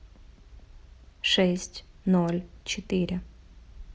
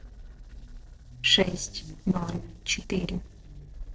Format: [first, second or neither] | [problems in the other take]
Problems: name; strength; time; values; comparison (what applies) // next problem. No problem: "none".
first | noise reduction (neural separator model SepFormer DNS4)